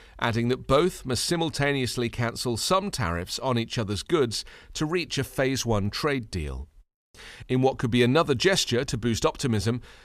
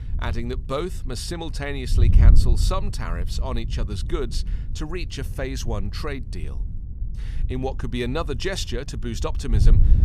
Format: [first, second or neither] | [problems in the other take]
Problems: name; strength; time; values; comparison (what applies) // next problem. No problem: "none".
first | wind noise on the microphone; occasional gusts; 10 dB below the speech